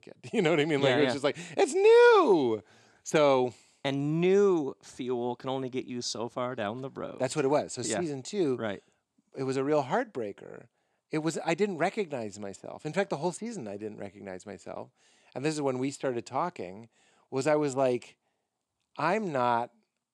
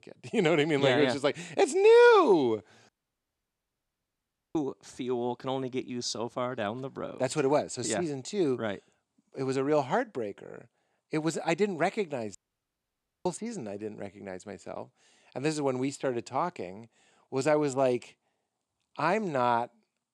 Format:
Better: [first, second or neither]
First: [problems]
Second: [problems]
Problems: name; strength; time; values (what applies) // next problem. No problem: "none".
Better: first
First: none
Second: audio cutting out; at 3 s for 1.5 s and at 12 s for 1 s